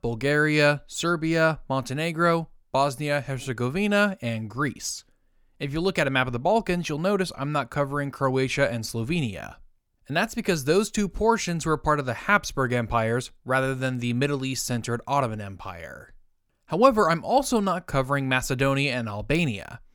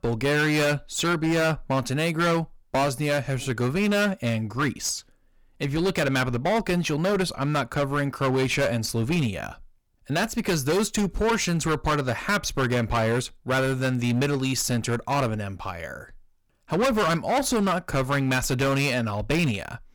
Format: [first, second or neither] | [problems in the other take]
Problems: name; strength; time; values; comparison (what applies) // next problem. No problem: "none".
first | distortion; heavy; 17% of the sound clipped